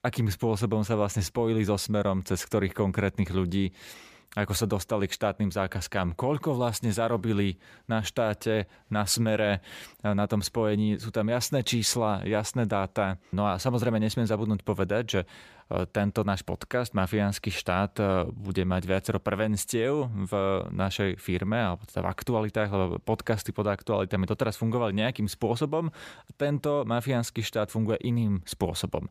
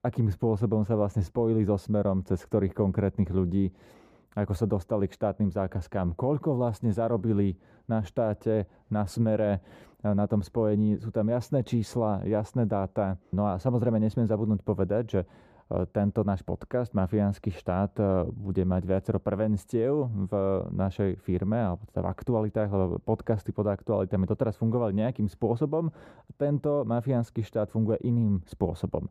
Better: first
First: none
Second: muffled; very; fading above 1.5 kHz

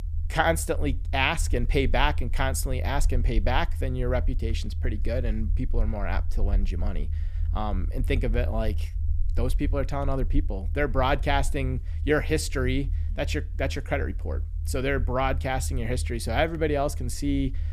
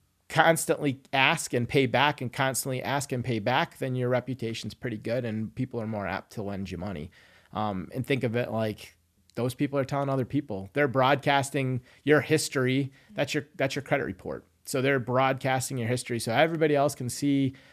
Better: second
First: low rumble; faint; throughout; 20 dB below the speech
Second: none

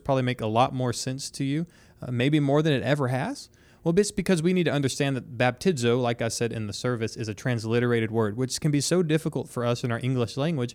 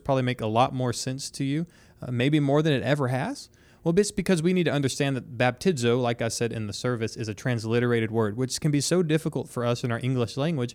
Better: neither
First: none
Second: none

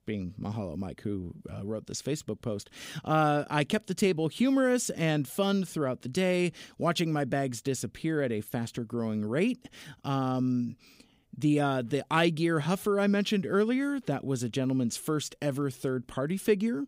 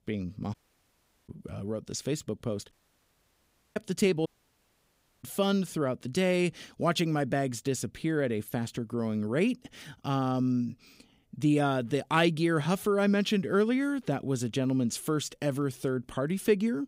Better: first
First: none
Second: audio cutting out; at 0.5 s for 0.5 s, at 2.5 s for 1 s and at 4.5 s for 1 s

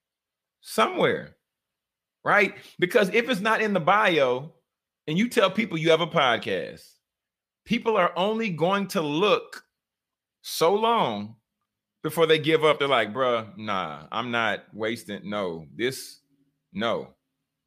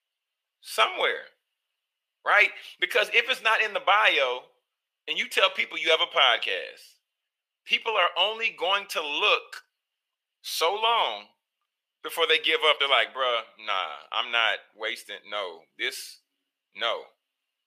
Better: first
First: none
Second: thin; very; fading below 550 Hz

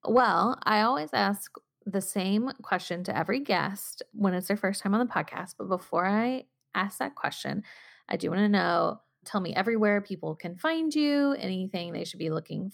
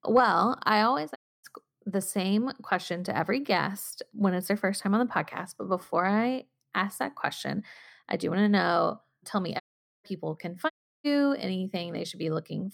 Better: first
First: none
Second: audio cutting out; at 1 s, at 9.5 s and at 11 s

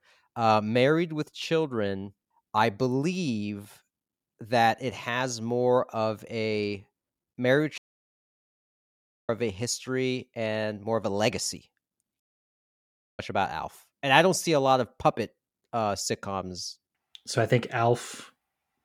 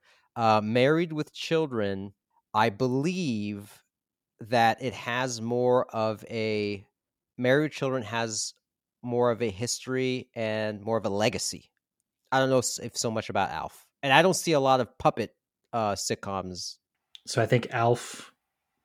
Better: second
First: audio cutting out; at 8 s for 1.5 s and at 12 s for 1 s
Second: none

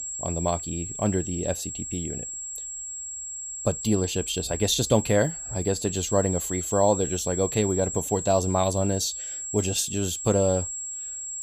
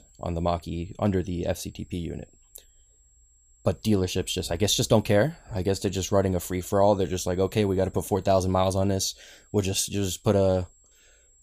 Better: second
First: high-pitched whine; loud; throughout; 7.5 kHz, 6 dB below the speech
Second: high-pitched whine; faint; throughout; 7.5 kHz, 35 dB below the speech

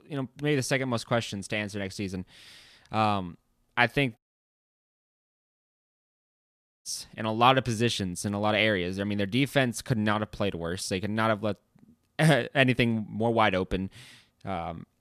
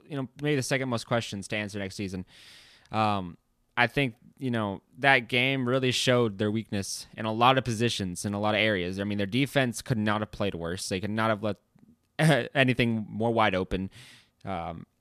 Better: second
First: audio cutting out; at 4 s for 2.5 s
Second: none

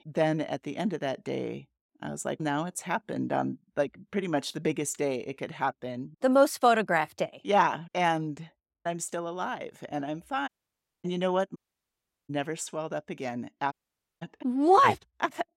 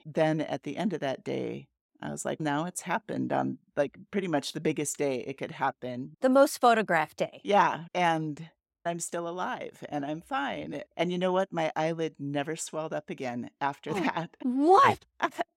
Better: second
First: audio cutting out; at 10 s for 0.5 s, at 12 s for 0.5 s and at 14 s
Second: none

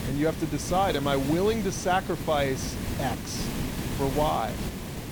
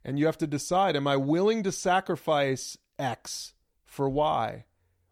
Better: second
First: hiss; loud; throughout; 5 dB below the speech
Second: none

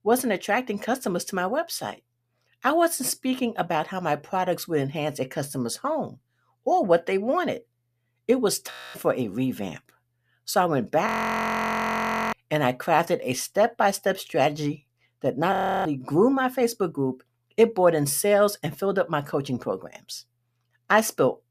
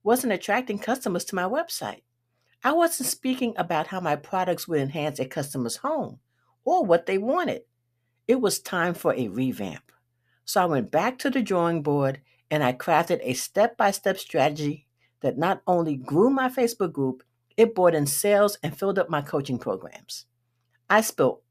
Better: second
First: audio freezing; at 8.5 s, at 11 s for 1.5 s and at 16 s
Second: none

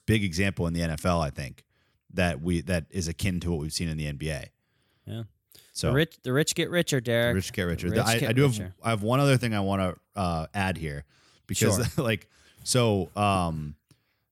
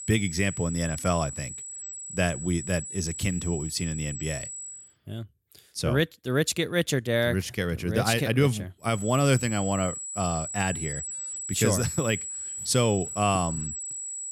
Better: first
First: none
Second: high-pitched whine; loud; until 5 s and from 9 s on; 8 kHz, 7 dB below the speech

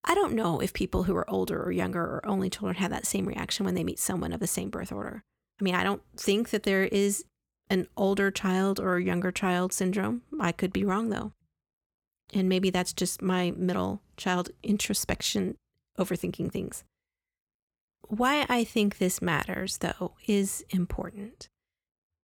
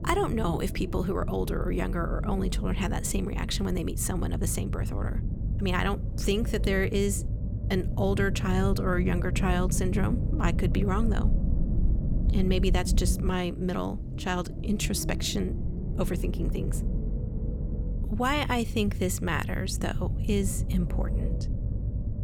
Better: first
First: none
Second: low rumble; noticeable; throughout; 10 dB below the speech

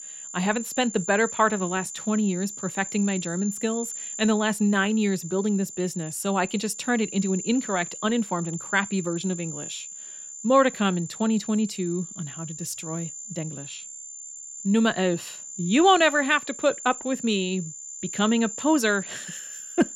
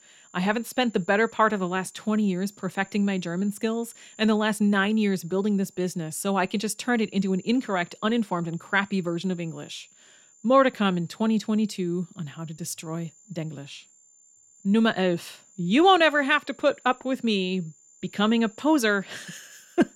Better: second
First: high-pitched whine; loud; throughout; 7 kHz, 10 dB below the speech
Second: high-pitched whine; faint; throughout; 7 kHz, 25 dB below the speech

